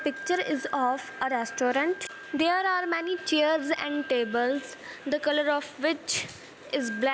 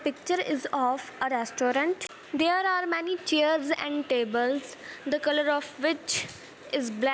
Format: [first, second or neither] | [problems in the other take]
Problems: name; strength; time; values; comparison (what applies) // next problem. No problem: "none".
second | background sound (Wind instrument, woodwind instrument); 15 dB below the speech